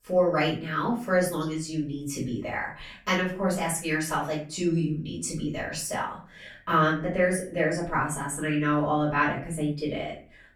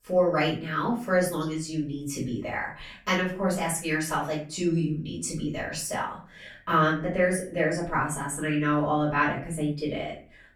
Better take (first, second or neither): neither